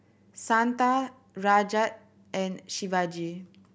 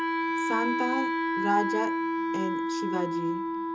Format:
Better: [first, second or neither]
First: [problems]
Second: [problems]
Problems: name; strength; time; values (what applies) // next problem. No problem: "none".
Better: first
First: none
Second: background sound (Wind instrument, woodwind instrument); 4 dB above the speech // room echo; dies away in 0.2 s